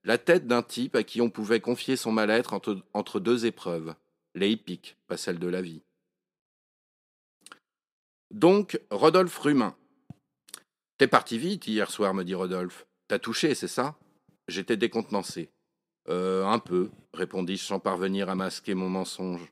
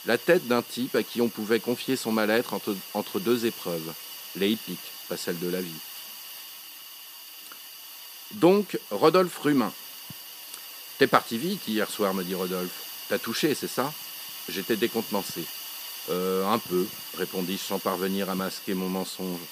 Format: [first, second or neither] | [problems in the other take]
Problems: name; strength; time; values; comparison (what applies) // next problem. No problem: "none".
first | hiss; noticeable; throughout; 10 dB below the speech